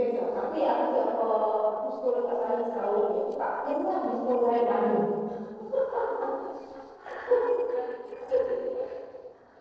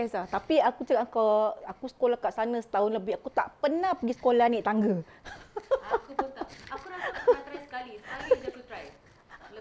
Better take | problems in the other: second | noise reduction (neural separator model SepFormer DNS4)

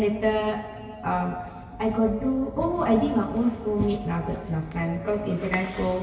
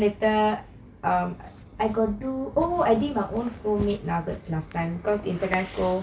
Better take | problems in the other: second | background sound (Doorbell); 20 dB below the speech // room echo; dies away in 1.7 s

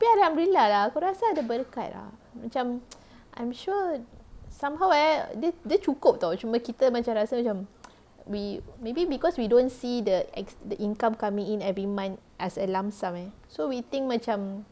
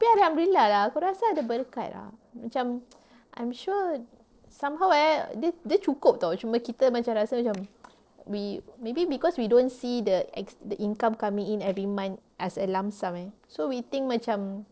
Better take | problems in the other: first | noise reduction (neural separator model SepFormer DNS4)

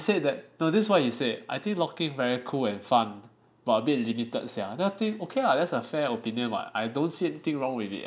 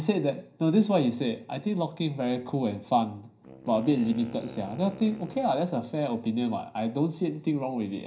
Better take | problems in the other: first | background sound (Wind instrument, woodwind instrument); 18 dB below the speech // room echo; dies away in 0.4 s

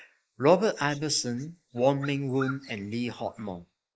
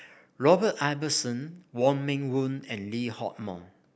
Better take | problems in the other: second | noise reduction (neural mask model Resemble Enhance denoiser)

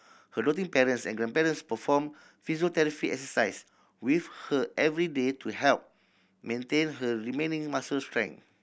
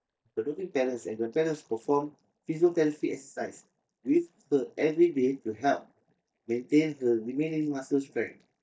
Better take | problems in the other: first | noise reduction (neural mask model DeepFilterNet 3)

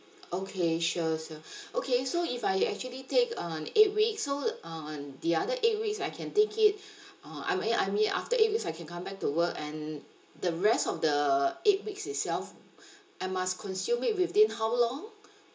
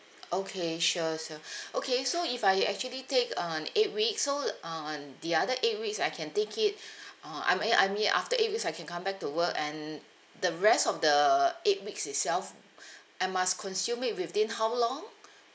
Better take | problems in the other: second | room echo; dies away in 0.2 s

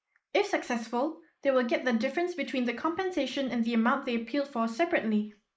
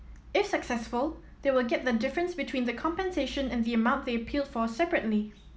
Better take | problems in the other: second | noise reduction (neural mask model Resemble Enhance denoiser)

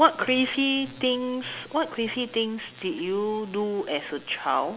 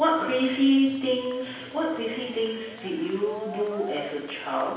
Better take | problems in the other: first | background sound (Cheering); 18 dB below the speech // room echo; dies away in 0.9 s

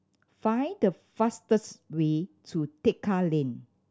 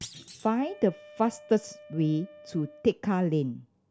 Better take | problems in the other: first | background sound (Wind instrument, woodwind instrument + Thump, thud); 20 dB below the speech

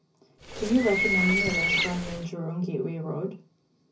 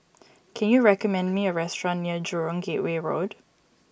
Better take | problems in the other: second | background sound (Bird); 2 dB above the speech // room echo; dies away in 0.5 s

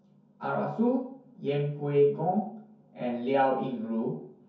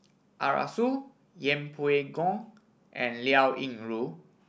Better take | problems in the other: second | room echo; dies away in 0.6 s

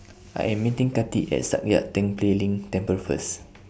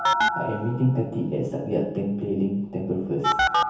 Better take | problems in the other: first | background sound (Telephone); 1 dB below the speech // room echo; dies away in 0.7 s

